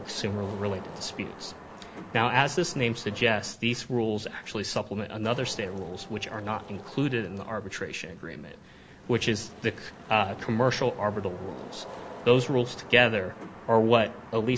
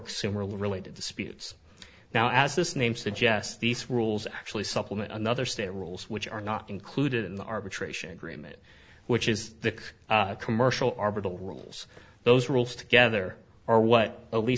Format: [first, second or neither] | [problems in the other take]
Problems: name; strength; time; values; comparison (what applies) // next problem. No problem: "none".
second | background sound (Wind / Rain); 16 dB below the speech